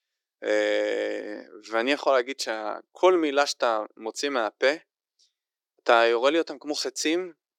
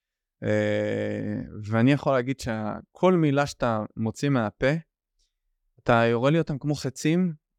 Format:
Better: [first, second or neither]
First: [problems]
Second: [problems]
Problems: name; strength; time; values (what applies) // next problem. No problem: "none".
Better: second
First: thin; very; fading below 350 Hz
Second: none